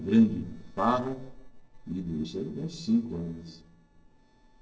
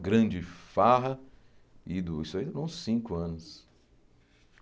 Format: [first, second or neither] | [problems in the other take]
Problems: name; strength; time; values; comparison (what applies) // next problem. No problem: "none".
second | noise reduction (neural separator model SepFormer DNS4)